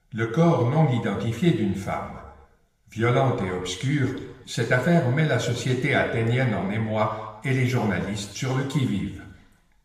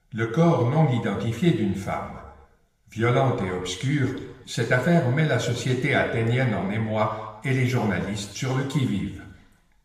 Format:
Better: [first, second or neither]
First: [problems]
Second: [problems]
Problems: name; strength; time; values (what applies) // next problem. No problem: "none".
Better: neither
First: room echo; noticeable; dies away in 0.9 s // off-mic speech; somewhat distant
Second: room echo; noticeable; dies away in 0.9 s // off-mic speech; somewhat distant